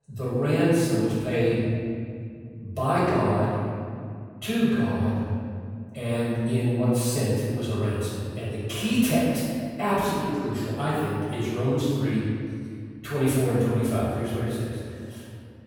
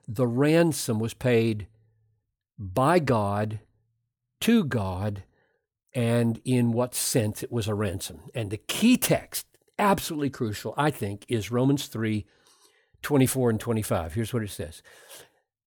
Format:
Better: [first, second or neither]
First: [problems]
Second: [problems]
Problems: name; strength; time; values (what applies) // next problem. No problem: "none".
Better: second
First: off-mic speech; far // room echo; strong; dies away in 2.2 s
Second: none